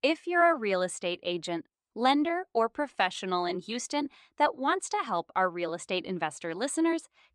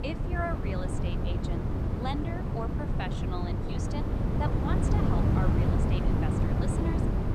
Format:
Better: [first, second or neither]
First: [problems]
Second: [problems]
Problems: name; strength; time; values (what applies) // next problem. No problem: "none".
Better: first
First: none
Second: wind noise on the microphone; heavy; 2 dB above the speech